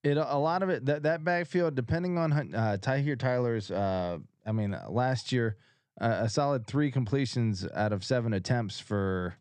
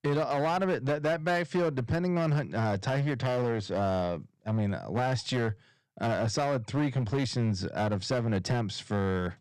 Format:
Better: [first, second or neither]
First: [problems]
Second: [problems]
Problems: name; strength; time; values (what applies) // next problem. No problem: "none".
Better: first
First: none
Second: distortion; slight; 13% of the sound clipped